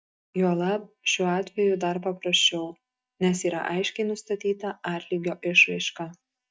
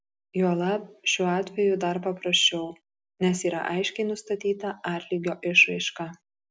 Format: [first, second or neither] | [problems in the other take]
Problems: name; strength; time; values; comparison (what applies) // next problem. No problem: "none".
second | noise reduction (neural mask model DeepFilterNet 3)